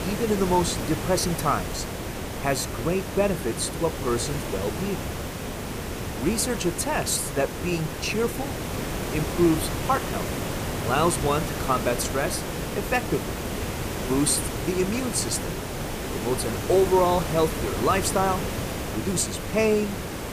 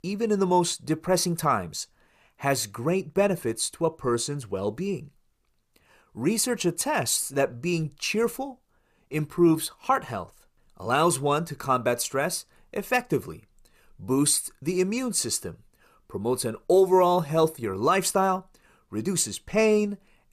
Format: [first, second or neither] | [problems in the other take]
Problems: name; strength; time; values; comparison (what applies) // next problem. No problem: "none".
second | hiss; loud; throughout; 5 dB below the speech